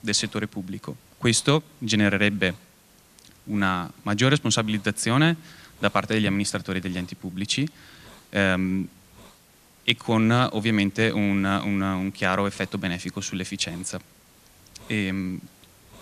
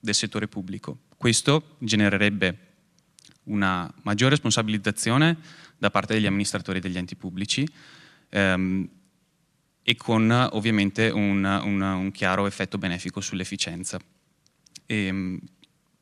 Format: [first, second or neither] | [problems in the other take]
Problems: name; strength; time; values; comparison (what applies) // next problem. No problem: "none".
second | hiss; faint; throughout; 25 dB below the speech